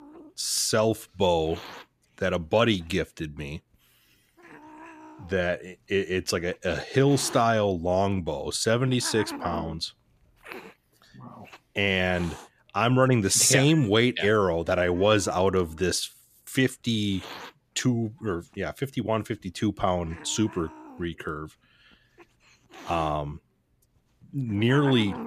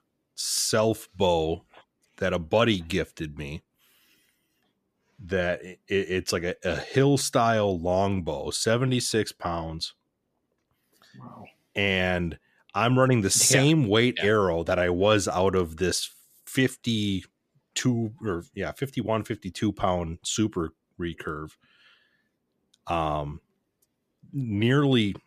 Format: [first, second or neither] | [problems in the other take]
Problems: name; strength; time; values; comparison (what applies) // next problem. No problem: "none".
second | hiss; noticeable; throughout; 15 dB below the speech